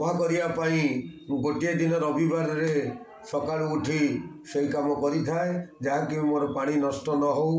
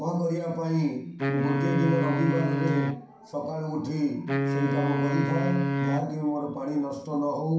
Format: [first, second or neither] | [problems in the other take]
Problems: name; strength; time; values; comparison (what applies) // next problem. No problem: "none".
first | background sound (Wind instrument, woodwind instrument); as loud as the speech // room echo; dies away in 0.5 s